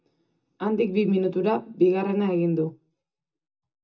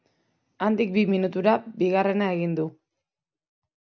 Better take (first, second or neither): second